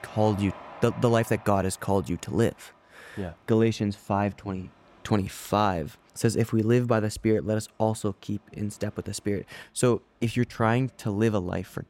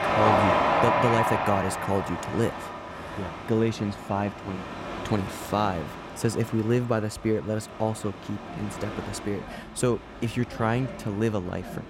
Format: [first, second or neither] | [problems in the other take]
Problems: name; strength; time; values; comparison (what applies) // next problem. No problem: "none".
first | train or aircraft noise; loud; throughout; 1 dB below the speech; faint in the first